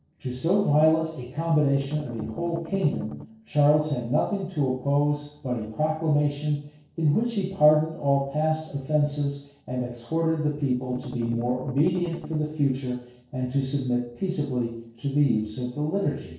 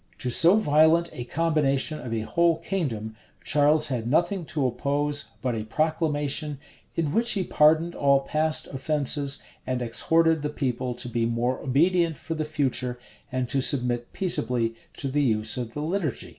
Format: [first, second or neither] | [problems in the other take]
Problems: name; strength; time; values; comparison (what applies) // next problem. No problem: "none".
second | noise reduction (neural separator model SepFormer DNS4)